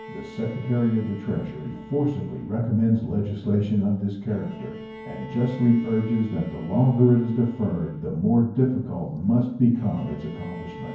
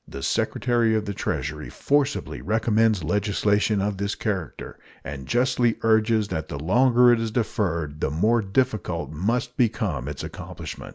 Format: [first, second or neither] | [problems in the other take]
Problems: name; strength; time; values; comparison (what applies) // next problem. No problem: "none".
second | background sound (Bowed string instrument); 18 dB below the speech // room echo; dies away in 0.9 s